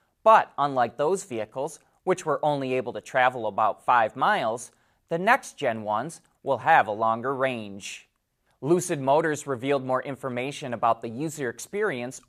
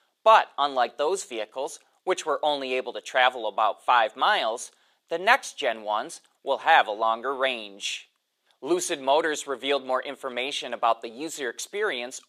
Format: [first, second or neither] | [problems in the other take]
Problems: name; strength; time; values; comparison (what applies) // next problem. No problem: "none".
first | thin; somewhat; fading below 300 Hz